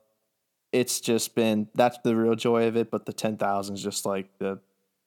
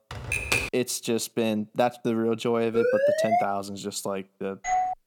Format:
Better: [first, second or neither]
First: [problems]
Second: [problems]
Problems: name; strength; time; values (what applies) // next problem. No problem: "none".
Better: first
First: none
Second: keyboard typing; loud; at the start; peak 3 dB above the speech // siren; loud; at 2.5 s; peak 5 dB above the speech // doorbell; loud; at 4.5 s; peak 1 dB above the speech